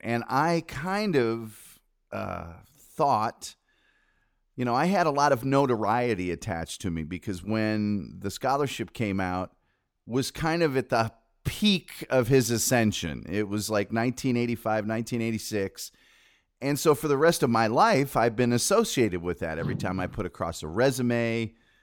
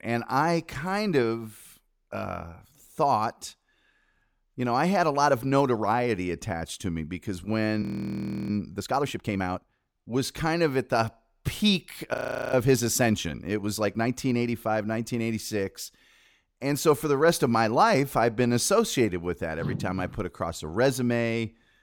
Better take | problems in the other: first | audio freezing; at 8 s for 0.5 s and at 12 s

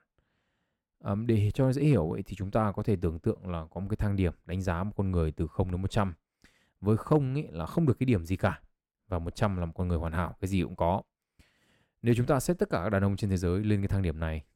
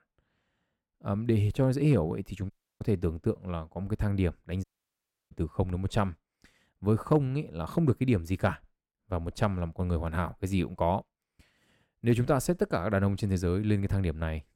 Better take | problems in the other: first | audio cutting out; at 2.5 s and at 4.5 s for 0.5 s

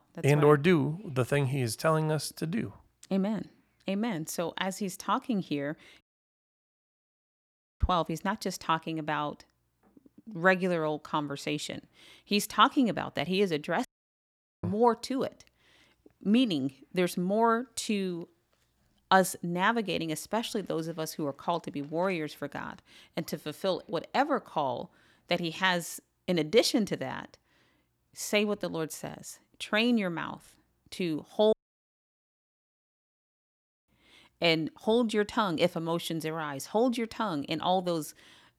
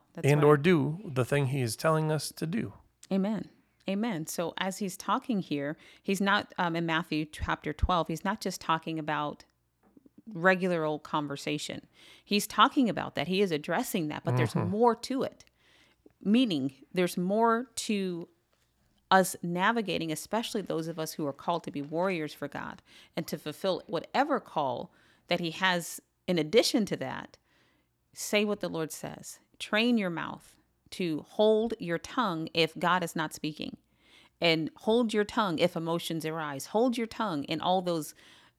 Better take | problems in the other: second | audio cutting out; at 6 s for 2 s, at 14 s for 1 s and at 32 s for 2.5 s

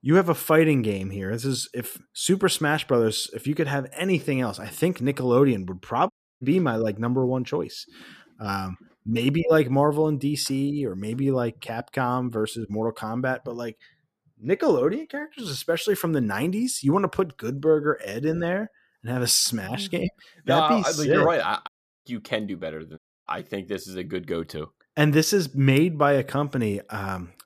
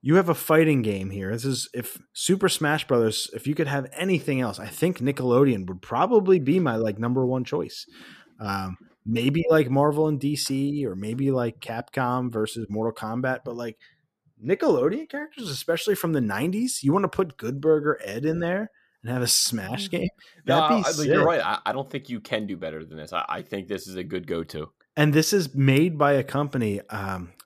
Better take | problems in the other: second | audio cutting out; at 6 s, at 22 s and at 23 s

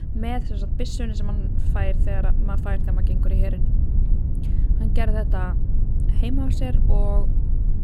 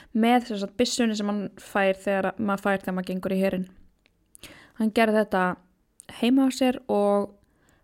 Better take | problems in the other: second | low rumble; loud; throughout; 6 dB below the speech

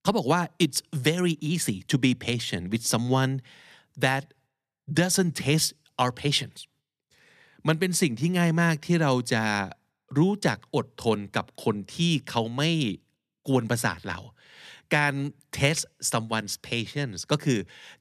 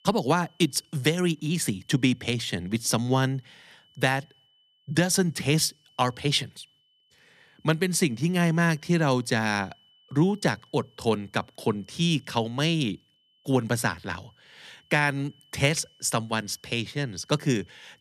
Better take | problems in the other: first | high-pitched whine; faint; throughout; 3 kHz, 35 dB below the speech

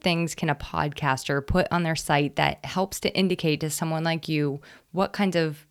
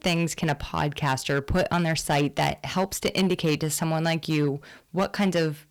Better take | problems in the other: first | distortion; slight; 7% of the sound clipped

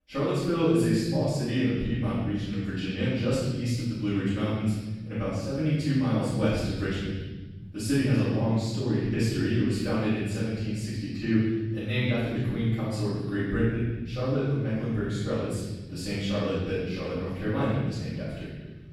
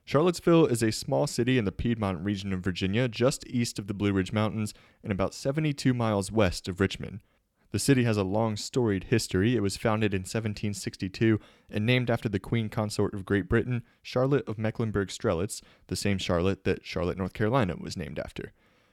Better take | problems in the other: second | off-mic speech; far // room echo; strong; dies away in 1.8 s

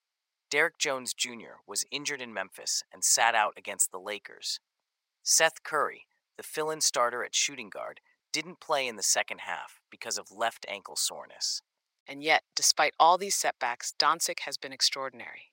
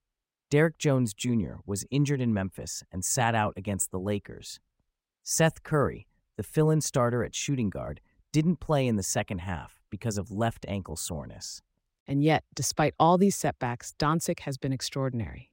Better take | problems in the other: second | thin; very; fading below 850 Hz

